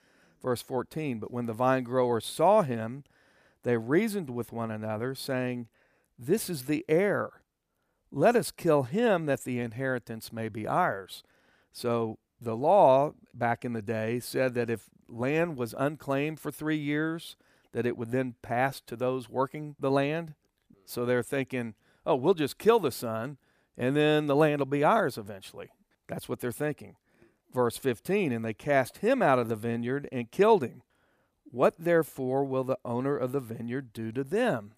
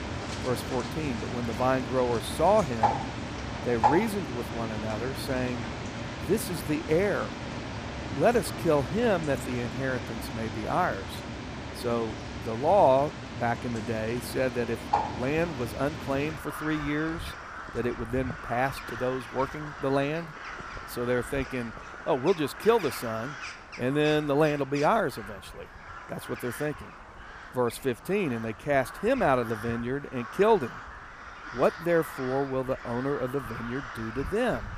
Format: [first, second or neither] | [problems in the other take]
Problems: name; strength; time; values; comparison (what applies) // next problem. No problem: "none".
first | animal sounds; loud; throughout; 8 dB below the speech